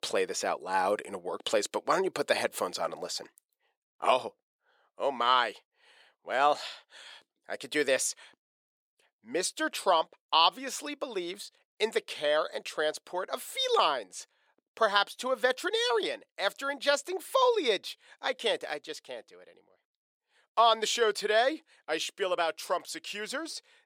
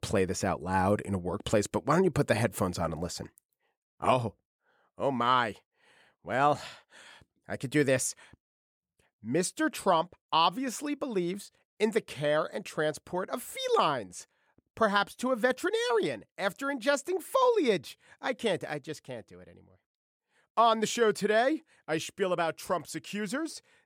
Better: second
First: thin; somewhat; fading below 500 Hz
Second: none

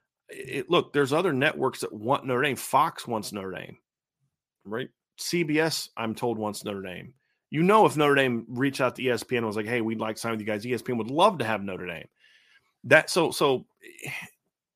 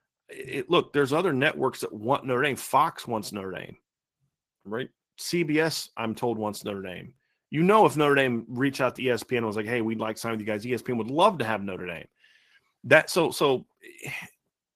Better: first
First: none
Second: garbled, watery; slightly; nothing above 14.5 kHz

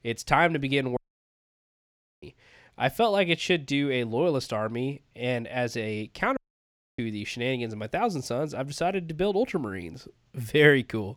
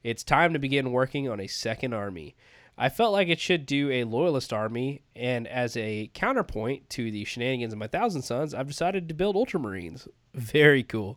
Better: second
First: audio cutting out; at 1 s for 1.5 s and at 6.5 s for 0.5 s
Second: none

